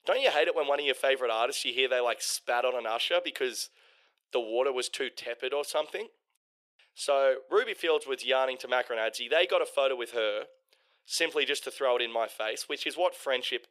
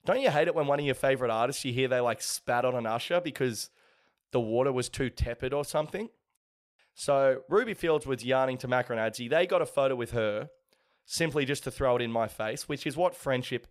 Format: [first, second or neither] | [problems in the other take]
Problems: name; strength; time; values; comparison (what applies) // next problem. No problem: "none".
second | thin; very; fading below 400 Hz